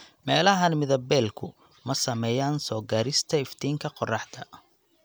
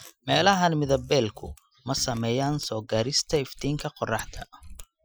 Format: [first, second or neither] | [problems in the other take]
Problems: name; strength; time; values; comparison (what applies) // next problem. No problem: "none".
first | noise reduction (classical method Wiener filter)